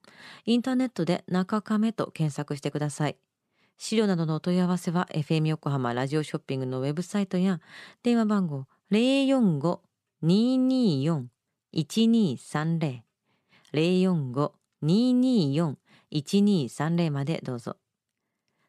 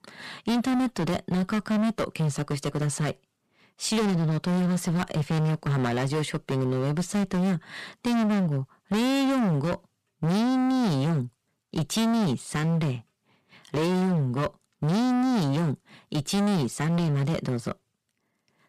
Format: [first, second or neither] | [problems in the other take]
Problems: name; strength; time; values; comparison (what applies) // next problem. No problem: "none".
first | distortion; heavy; 29% of the sound clipped